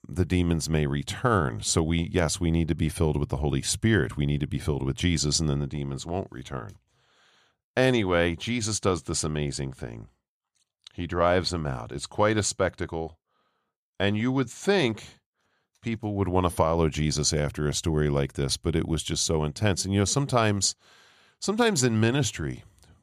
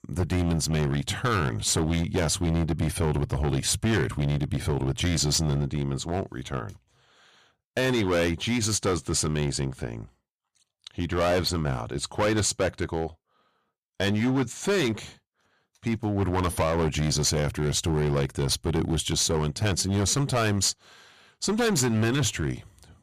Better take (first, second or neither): first